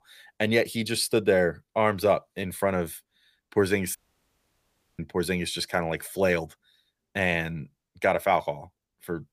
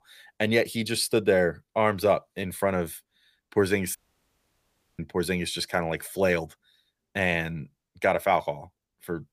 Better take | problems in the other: neither | audio cutting out; at 4 s for 1 s; the same in both

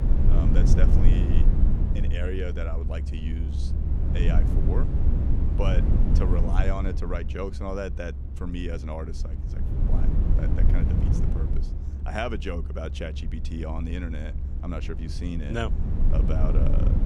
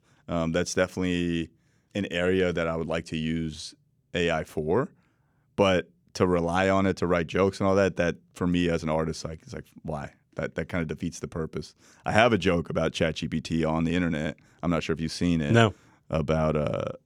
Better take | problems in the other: second | low rumble; loud; throughout; 4 dB below the speech

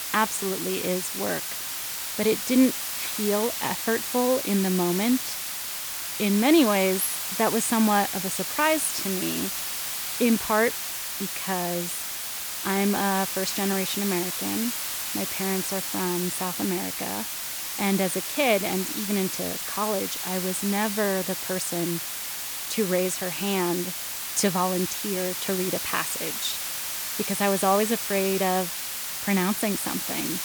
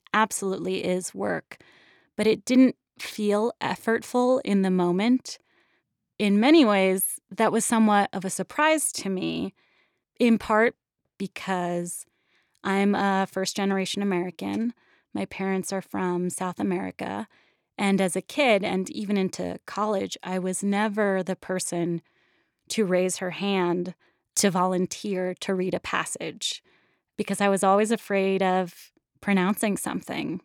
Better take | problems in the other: second | hiss; loud; throughout; 2 dB below the speech

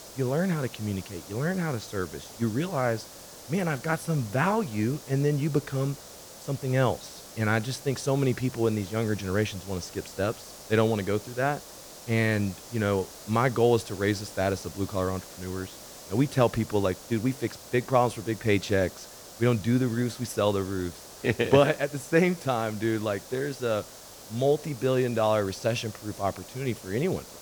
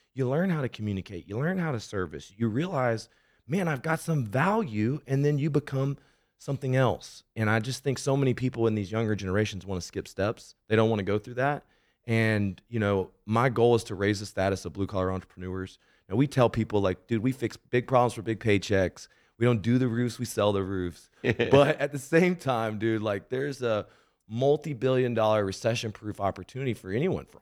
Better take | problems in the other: second | hiss; noticeable; throughout; 15 dB below the speech

